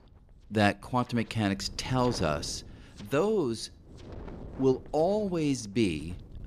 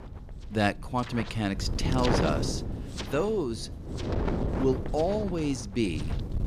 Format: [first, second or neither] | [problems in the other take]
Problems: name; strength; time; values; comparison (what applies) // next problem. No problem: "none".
first | wind noise on the microphone; heavy; 5 dB below the speech; occasional gusts in the first